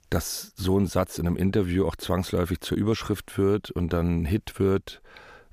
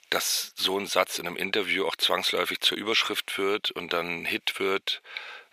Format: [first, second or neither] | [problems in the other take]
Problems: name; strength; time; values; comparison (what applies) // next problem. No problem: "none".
first | thin; very; fading below 550 Hz